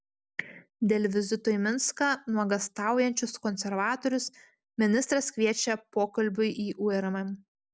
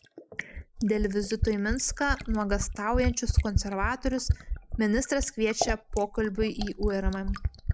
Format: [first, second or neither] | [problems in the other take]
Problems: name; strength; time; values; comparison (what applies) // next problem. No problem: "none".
first | background sound (Fill (with liquid)); 2 dB below the speech